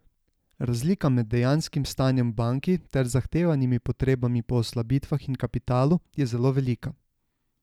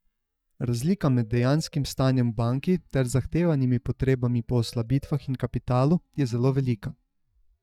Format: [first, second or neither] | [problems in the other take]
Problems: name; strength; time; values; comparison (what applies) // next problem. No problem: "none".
first | noise reduction (neural mask model DeepFilterNet 3)